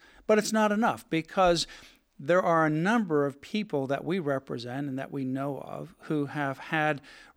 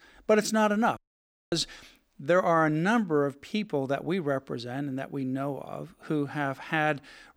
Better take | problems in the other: first | audio cutting out; at 1 s for 0.5 s

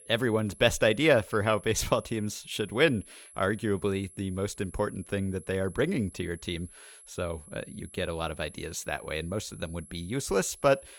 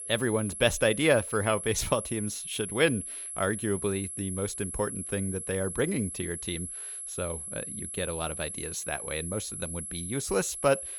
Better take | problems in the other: first | high-pitched whine; loud; throughout; 11 kHz, 6 dB below the speech; faint in the first

